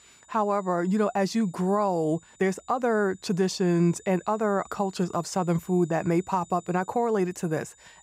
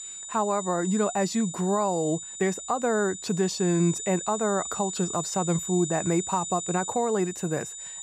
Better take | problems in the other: first | high-pitched whine; loud; throughout; 7 kHz, 7 dB below the speech; faint in the first

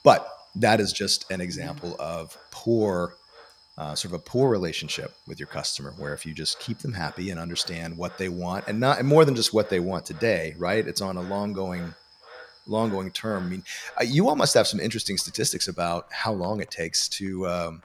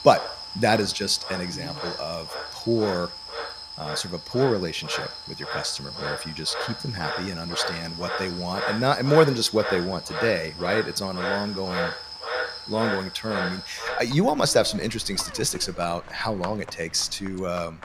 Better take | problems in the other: first | animal sounds; loud; throughout; 6 dB below the speech; faint in the first

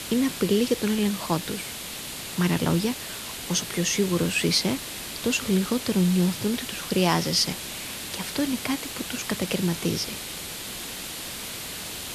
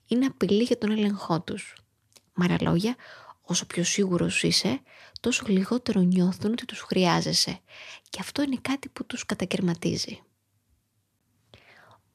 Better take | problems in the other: second | hiss; loud; throughout; 7 dB below the speech

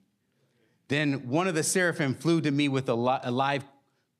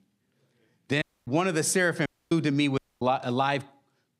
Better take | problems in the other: first | audio cutting out; at 1 s, at 2 s and at 3 s

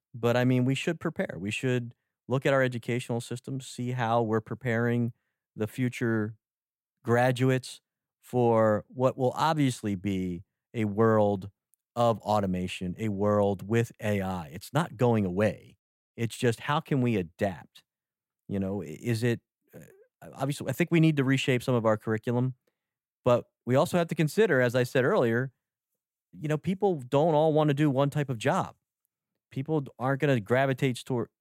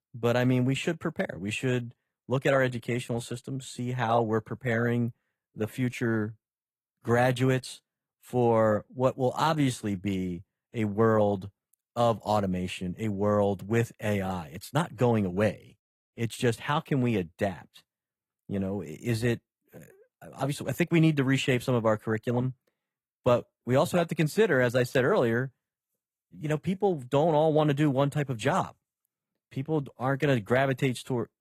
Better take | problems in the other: first | garbled, watery; slightly; nothing above 14.5 kHz

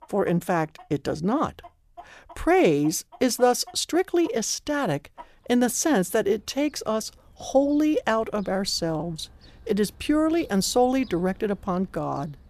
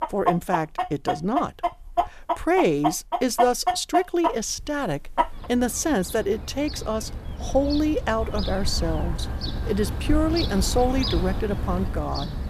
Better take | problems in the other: first | animal sounds; loud; throughout; 4 dB below the speech; faint in the first

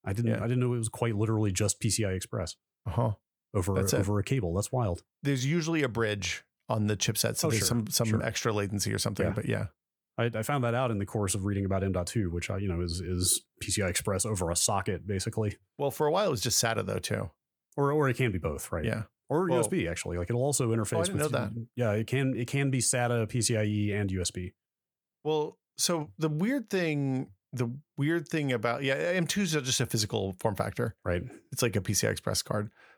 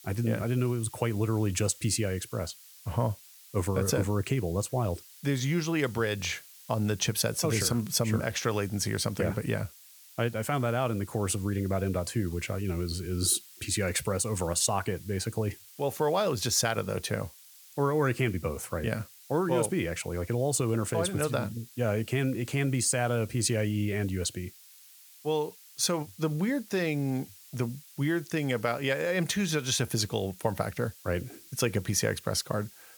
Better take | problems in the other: first | hiss; noticeable; throughout; 20 dB below the speech

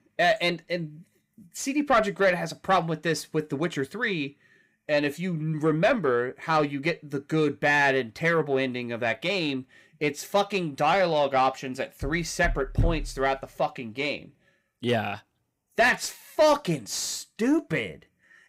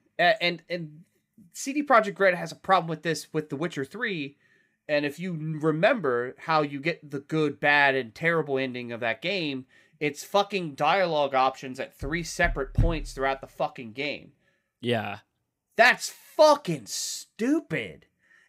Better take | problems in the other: second | distortion; slight; 10 dB below the speech

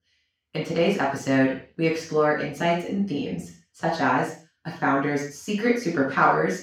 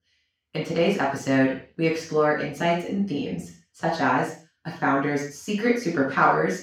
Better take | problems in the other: neither | room echo; noticeable; dies away in 0.4 s; the same in both // off-mic speech; far; the same in both

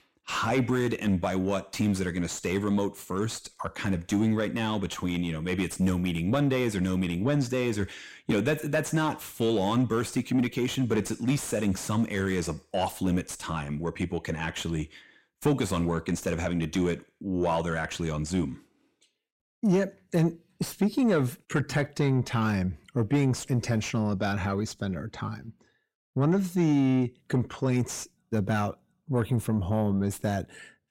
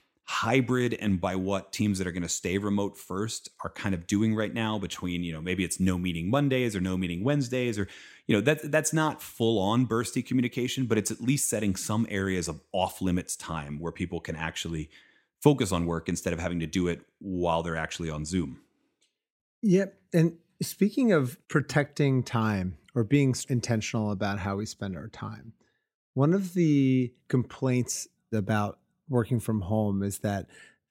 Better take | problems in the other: second | distortion; slight; 10 dB below the speech

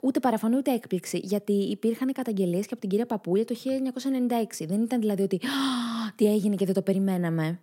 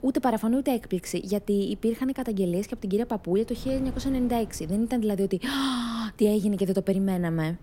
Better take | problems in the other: first | wind noise on the microphone; occasional gusts; 25 dB below the speech

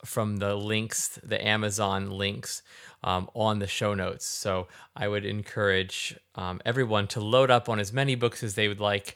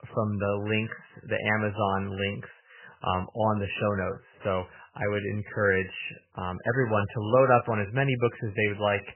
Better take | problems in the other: first | garbled, watery; badly; nothing above 3 kHz

